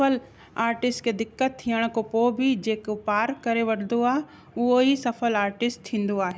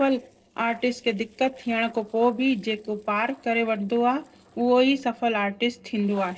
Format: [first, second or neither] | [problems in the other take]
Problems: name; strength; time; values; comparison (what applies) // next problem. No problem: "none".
first | noise reduction (neural separator model SepFormer DNS4)